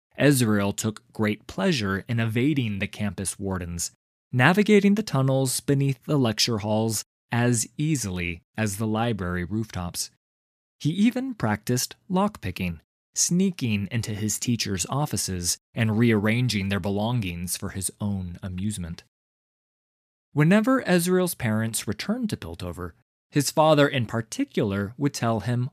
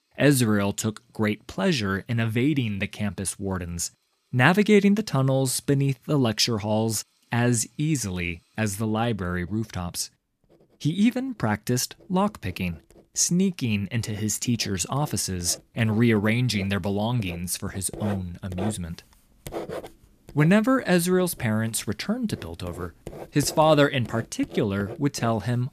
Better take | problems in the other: first | household noises; noticeable; throughout; 15 dB below the speech

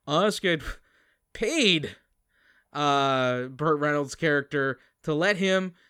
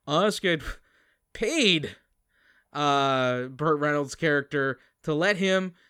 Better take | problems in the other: neither | none

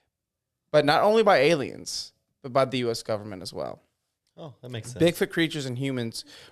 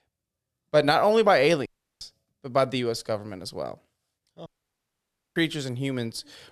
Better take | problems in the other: first | audio cutting out; at 1.5 s and at 4.5 s for 1 s

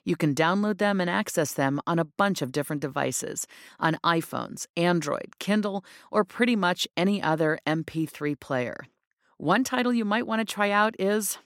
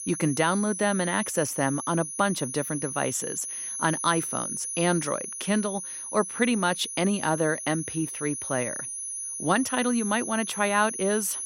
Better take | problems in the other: first | high-pitched whine; loud; throughout; 10.5 kHz, 5 dB below the speech

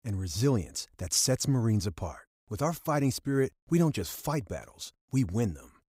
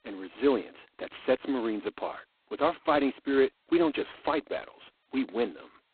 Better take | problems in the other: first | phone-call audio; poor line; nothing above 4 kHz

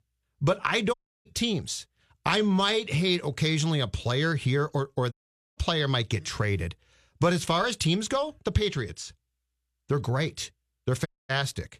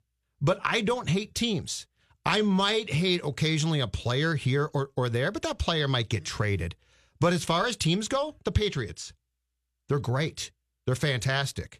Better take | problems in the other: second | audio cutting out; at 1 s, at 5 s and at 11 s

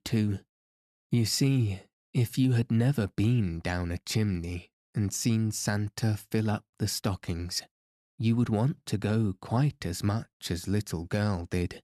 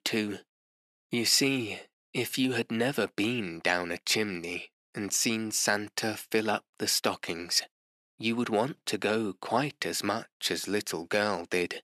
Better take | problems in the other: first | thin; somewhat; fading below 400 Hz

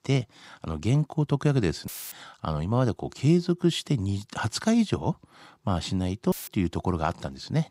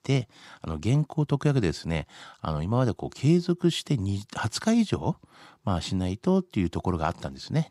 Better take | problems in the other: second | audio cutting out; filled with static; at 2 s and at 6.5 s

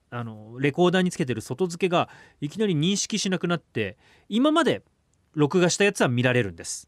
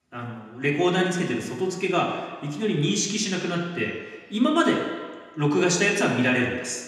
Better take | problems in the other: first | room echo; noticeable; dies away in 1.3 s // off-mic speech; somewhat distant

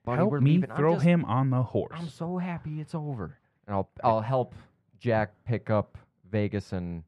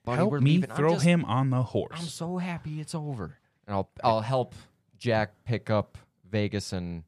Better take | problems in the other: second | muffled; slightly; fading above 3 kHz

